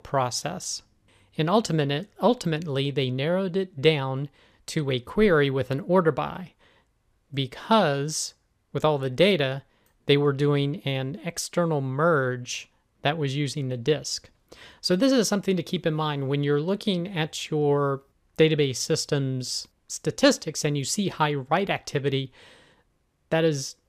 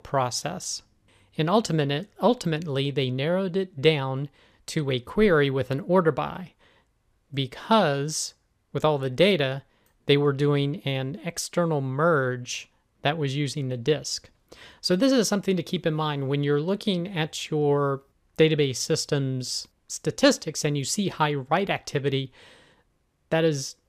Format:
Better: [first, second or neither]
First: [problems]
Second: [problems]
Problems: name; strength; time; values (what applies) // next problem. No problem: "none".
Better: neither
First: none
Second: none